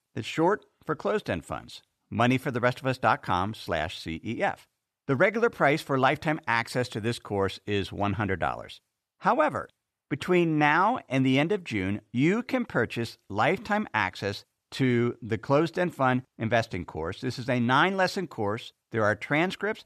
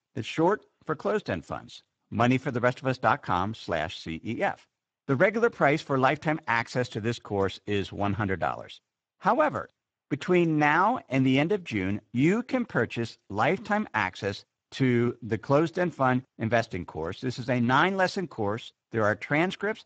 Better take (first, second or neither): first